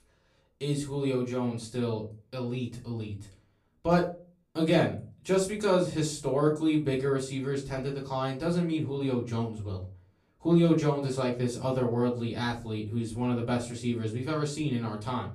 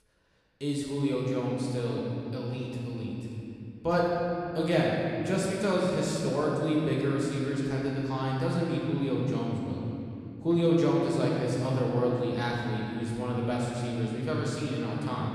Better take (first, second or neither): first